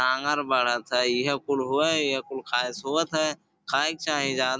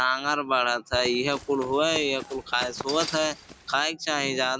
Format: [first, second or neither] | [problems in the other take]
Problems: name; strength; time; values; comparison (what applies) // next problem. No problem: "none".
first | background sound (Run + Chink, clink); 15 dB below the speech